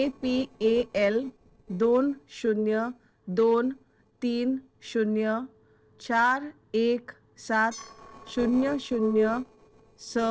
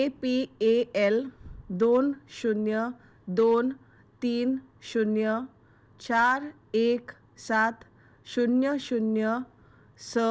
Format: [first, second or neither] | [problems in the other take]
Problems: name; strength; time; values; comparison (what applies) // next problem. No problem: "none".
second | noise reduction (neural separator model SepFormer DNS4)